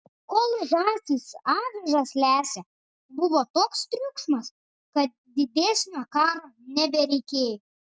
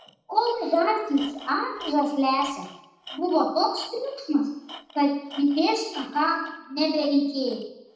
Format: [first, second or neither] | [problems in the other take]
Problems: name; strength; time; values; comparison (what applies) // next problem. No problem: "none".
first | background sound (Tools); 20 dB below the speech // room echo; dies away in 0.8 s